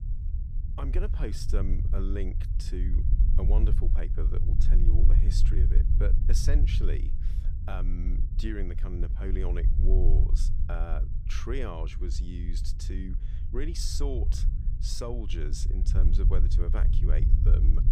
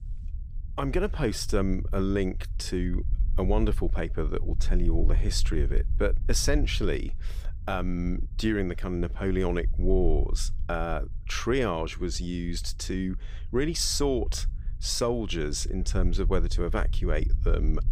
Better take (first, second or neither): second